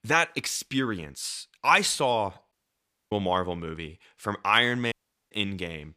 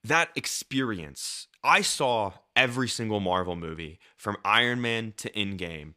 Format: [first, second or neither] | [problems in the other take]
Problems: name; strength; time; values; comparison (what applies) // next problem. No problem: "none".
second | audio cutting out; at 2.5 s for 0.5 s and at 5 s